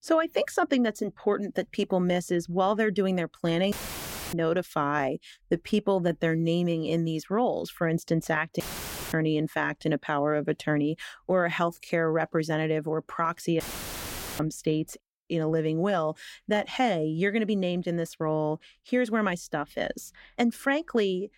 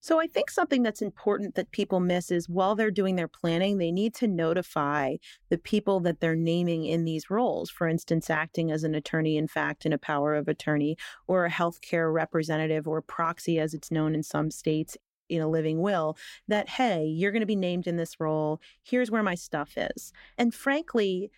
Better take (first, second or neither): second